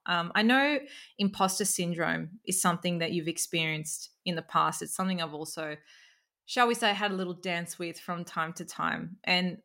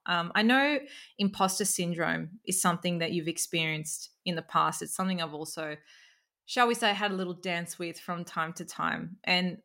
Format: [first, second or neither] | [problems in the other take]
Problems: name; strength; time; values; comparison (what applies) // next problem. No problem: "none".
neither | none